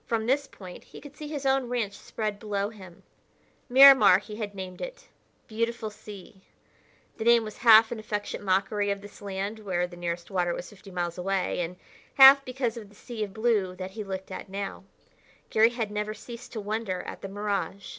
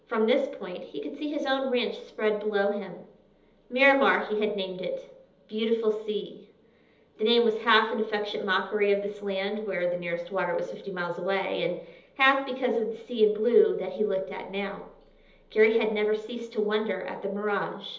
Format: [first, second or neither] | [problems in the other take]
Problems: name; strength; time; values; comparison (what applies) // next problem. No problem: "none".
first | room echo; dies away in 1.2 s